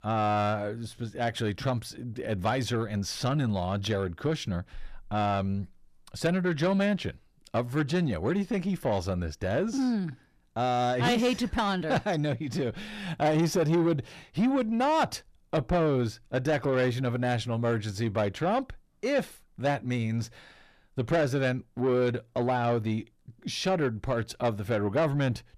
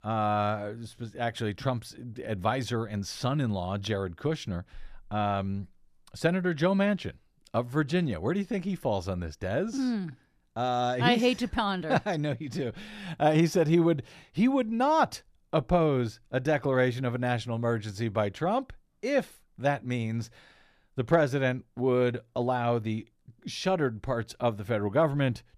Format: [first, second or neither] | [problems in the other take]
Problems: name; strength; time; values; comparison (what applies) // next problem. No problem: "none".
second | distortion; slight; 10 dB below the speech